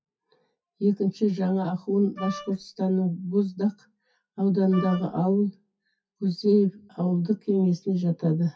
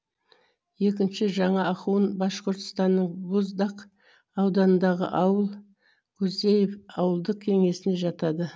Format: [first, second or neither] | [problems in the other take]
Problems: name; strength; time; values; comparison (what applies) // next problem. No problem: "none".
second | noise reduction (classical method WPE with log-MMSE)